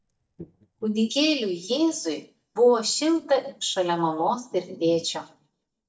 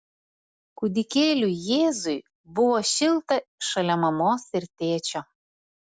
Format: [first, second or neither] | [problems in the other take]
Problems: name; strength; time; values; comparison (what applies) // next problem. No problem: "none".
second | noise reduction (neural mask model DeepFilterNet 3)